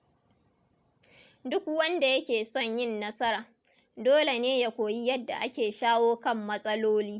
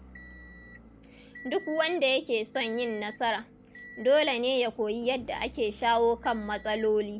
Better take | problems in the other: first | background sound (Motor vehicle (road) / Engine); 19 dB below the speech

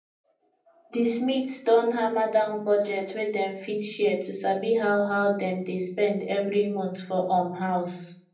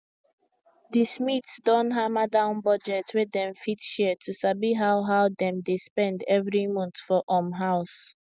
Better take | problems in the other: second | room echo; dies away in 0.6 s

